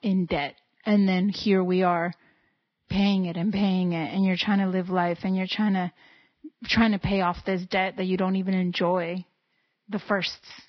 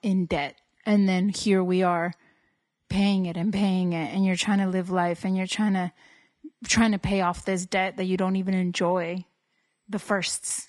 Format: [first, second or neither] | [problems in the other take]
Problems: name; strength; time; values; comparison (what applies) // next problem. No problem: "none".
second | garbled, watery; badly; nothing above 5.5 kHz; slightly in the second